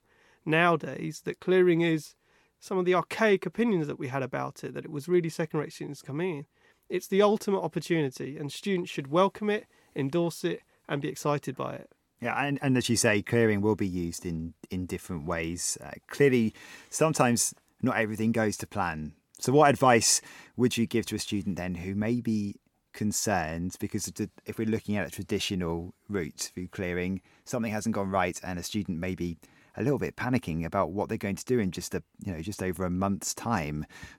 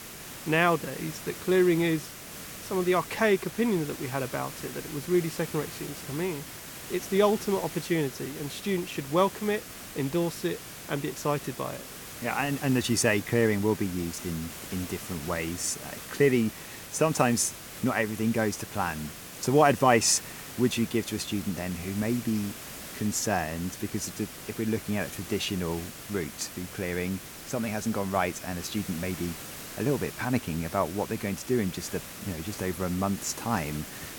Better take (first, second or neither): first